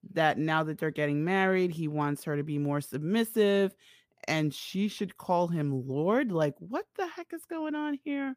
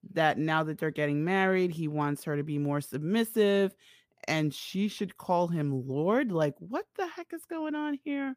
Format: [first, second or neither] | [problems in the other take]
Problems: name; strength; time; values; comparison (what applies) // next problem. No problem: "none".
neither | none